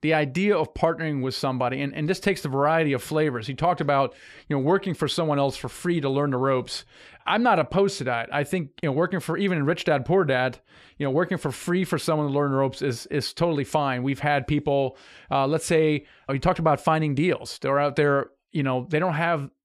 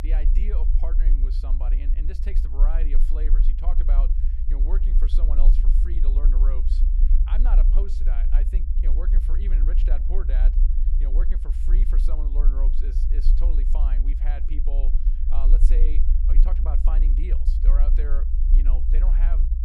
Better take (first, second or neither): first